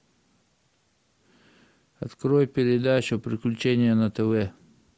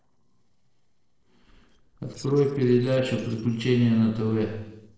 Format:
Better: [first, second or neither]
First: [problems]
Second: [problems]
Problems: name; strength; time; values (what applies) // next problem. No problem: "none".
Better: first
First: none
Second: noise reduction (neural separator model SepFormer DNS4)